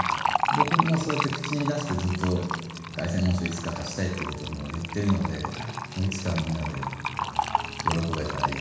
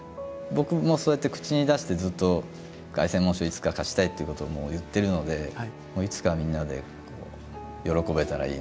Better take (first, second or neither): second